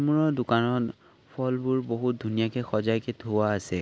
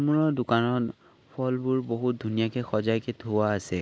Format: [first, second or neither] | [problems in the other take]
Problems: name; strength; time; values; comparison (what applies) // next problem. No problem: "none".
first | noise reduction (neural mask model Resemble Enhance denoiser)